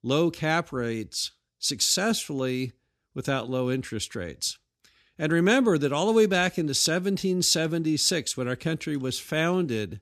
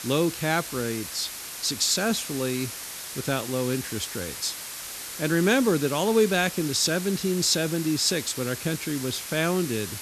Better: first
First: none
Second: hiss; loud; throughout; 8 dB below the speech

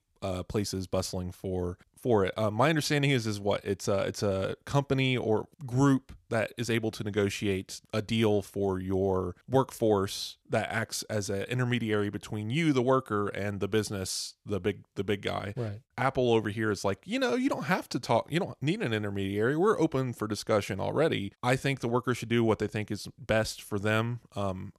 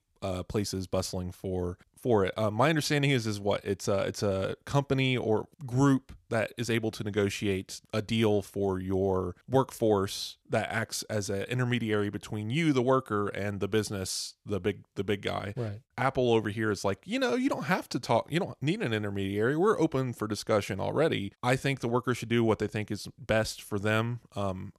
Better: neither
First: none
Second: none

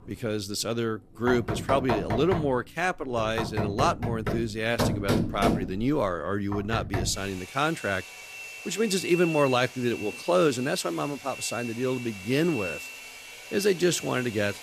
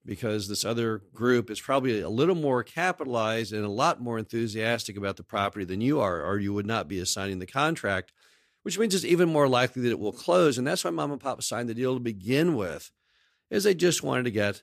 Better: second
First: household noises; loud; throughout; 6 dB below the speech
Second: none

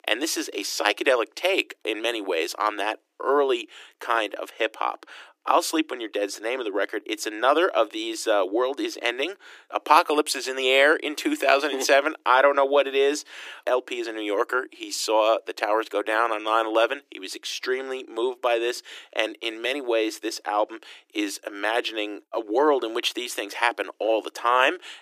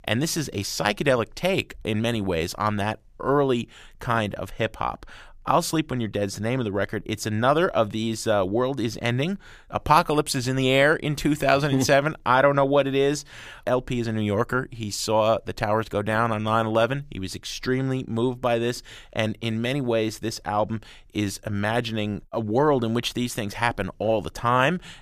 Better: second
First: thin; very; fading below 300 Hz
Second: none

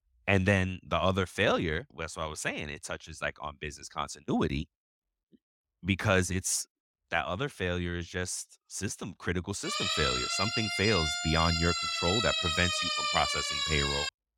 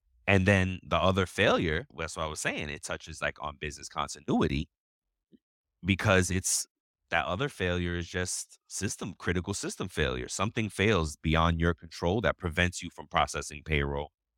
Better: second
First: siren; loud; from 9.5 s on; peak 3 dB above the speech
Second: none

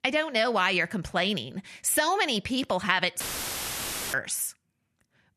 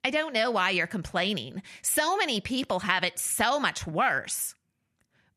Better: second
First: audio cutting out; filled with static; at 3 s for 1 s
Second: none

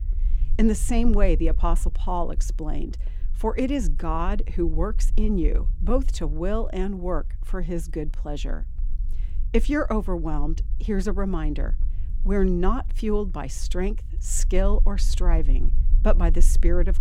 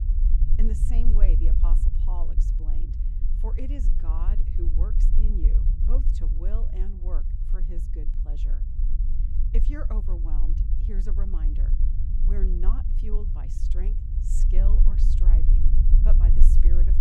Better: first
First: low rumble; faint; throughout; 20 dB below the speech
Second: low rumble; loud; throughout; 2 dB below the speech

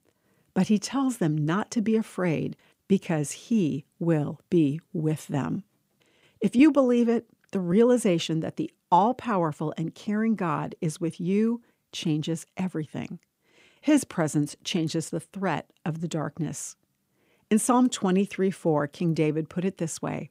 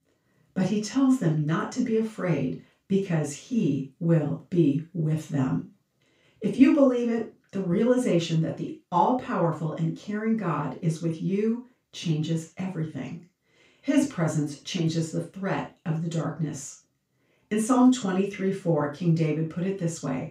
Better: first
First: none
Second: room echo; noticeable; dies away in 0.2 s // off-mic speech; far

